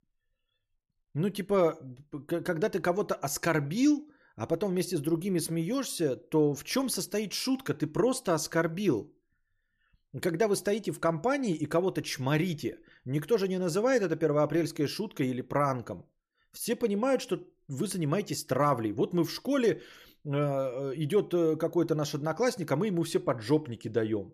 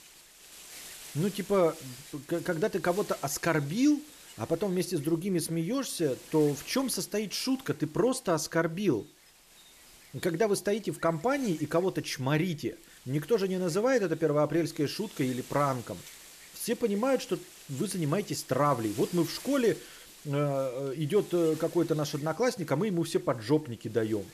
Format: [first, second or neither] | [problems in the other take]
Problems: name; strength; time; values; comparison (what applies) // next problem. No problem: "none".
first | wind noise on the microphone; occasional gusts; 20 dB below the speech